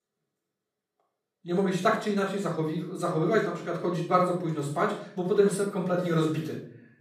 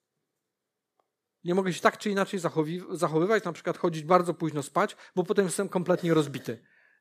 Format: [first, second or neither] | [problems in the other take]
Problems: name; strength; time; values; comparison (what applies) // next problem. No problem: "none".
second | off-mic speech; far // room echo; noticeable; dies away in 0.5 s